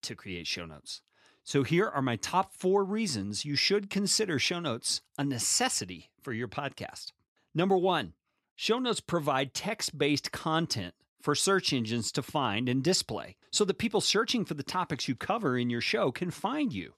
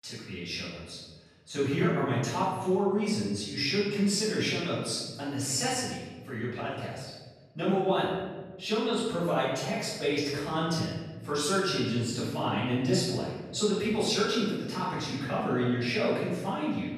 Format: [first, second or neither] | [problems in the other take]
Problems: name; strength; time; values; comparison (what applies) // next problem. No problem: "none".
first | off-mic speech; far // room echo; strong; dies away in 1.3 s